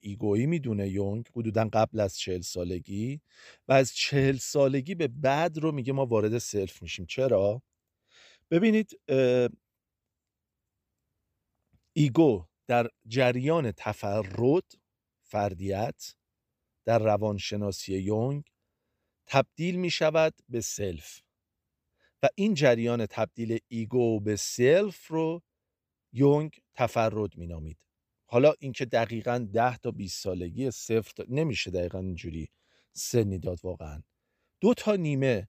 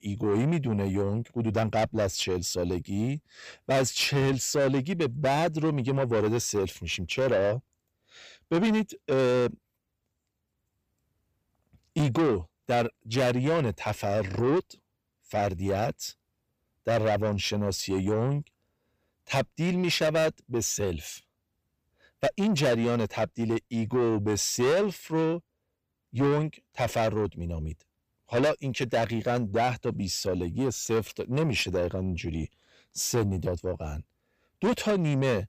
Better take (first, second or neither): first